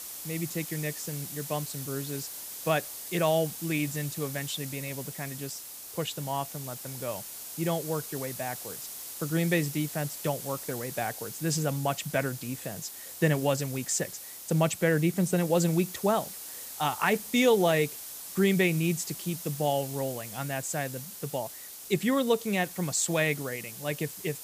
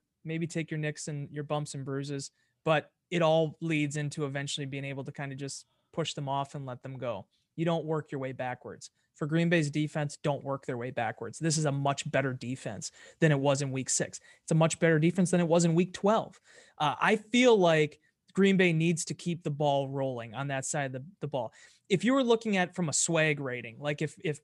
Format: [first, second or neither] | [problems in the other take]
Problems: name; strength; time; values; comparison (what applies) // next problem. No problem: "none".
second | hiss; loud; throughout; 9 dB below the speech